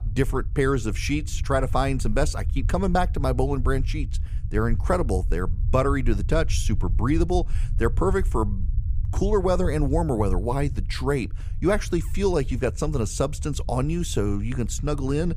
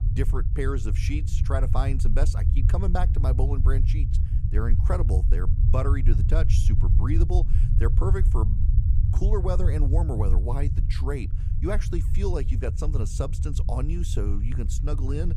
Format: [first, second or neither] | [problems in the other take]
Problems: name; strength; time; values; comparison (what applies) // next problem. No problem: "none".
first | low rumble; loud; throughout; 7 dB below the speech; faint in the first